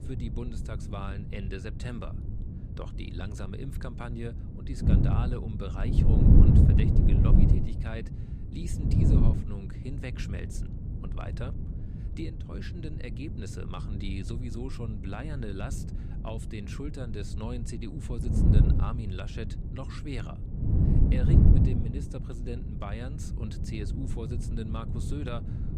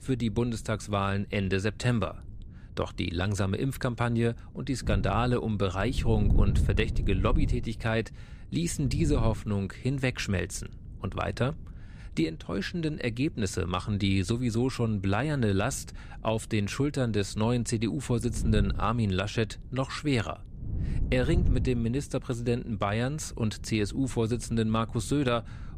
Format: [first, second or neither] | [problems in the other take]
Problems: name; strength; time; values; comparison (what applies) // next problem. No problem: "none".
second | wind noise on the microphone; heavy; 2 dB above the speech; occasional gusts in the second